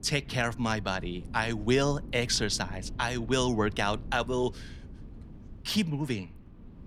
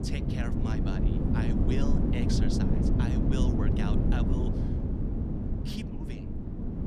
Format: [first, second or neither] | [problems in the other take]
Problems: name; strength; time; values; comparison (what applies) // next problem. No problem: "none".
first | wind noise on the microphone; heavy; 4 dB above the speech; occasional gusts in the first